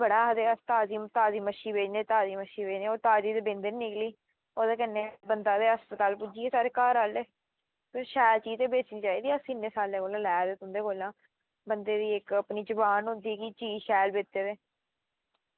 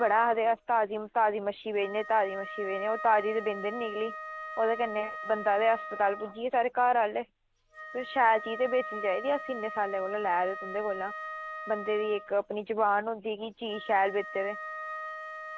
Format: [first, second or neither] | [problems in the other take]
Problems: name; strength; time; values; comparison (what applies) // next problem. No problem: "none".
first | background sound (Wind instrument, woodwind instrument); 11 dB below the speech